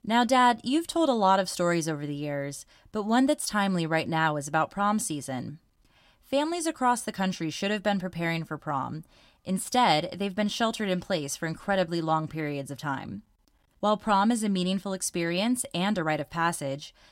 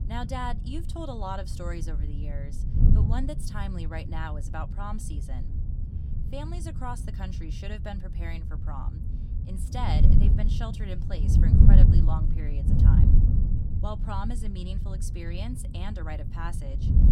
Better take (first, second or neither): first